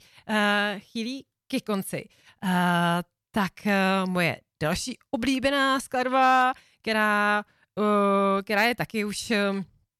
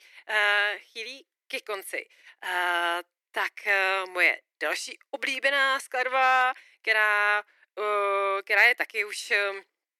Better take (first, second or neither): first